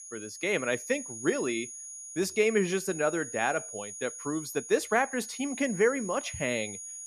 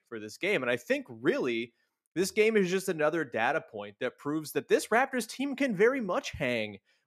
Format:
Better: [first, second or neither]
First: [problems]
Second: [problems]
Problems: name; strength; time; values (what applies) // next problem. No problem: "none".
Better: second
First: high-pitched whine; loud; throughout; 6.5 kHz, 10 dB below the speech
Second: none